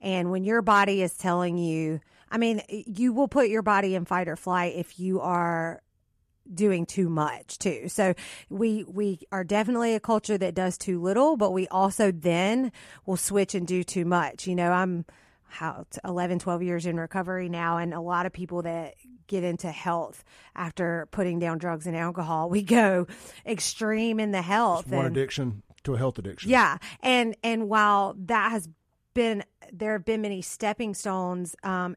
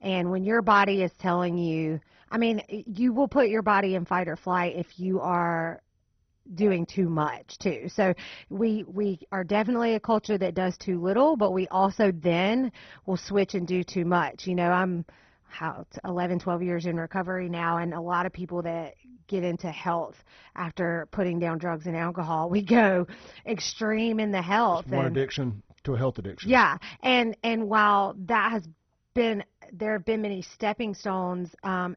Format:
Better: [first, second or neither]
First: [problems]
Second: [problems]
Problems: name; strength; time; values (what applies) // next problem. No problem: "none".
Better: first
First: none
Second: garbled, watery; badly; nothing above 6 kHz